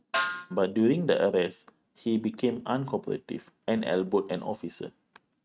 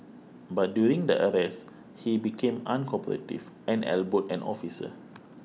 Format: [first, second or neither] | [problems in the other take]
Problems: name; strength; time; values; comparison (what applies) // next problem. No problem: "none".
second | noise reduction (neural mask model RNNoise)